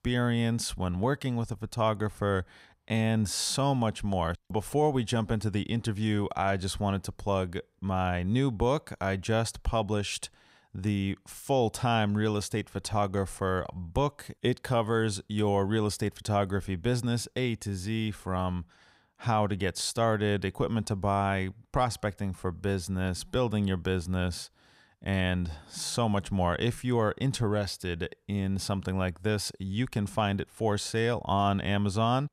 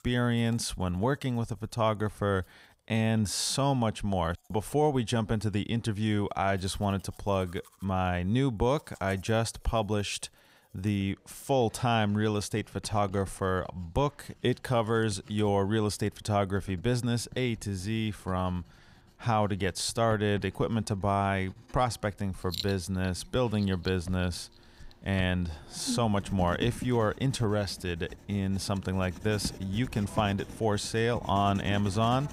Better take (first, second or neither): first